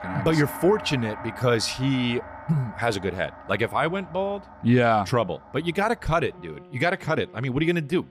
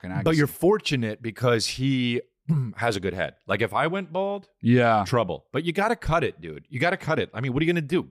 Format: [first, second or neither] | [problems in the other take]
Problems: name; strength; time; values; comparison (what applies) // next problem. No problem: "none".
second | background music; noticeable; throughout; 15 dB below the speech